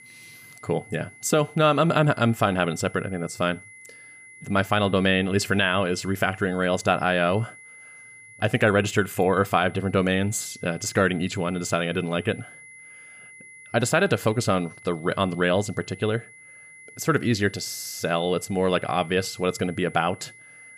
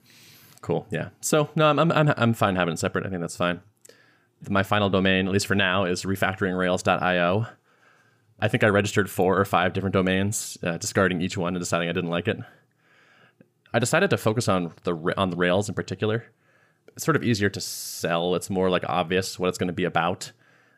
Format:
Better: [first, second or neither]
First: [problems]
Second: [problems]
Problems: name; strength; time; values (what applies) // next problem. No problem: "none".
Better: second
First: high-pitched whine; faint; throughout; 2 kHz, 20 dB below the speech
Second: none